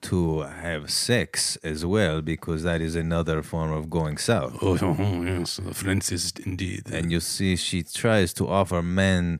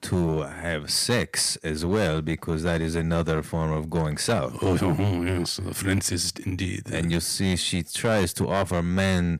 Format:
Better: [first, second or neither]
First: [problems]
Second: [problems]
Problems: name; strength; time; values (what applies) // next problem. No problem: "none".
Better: first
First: none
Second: distortion; slight; 6% of the sound clipped